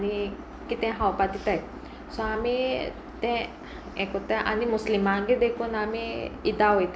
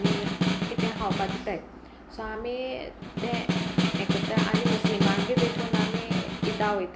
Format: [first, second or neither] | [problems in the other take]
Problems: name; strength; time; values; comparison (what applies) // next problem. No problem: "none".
first | background sound (Snare drum); 4 dB above the speech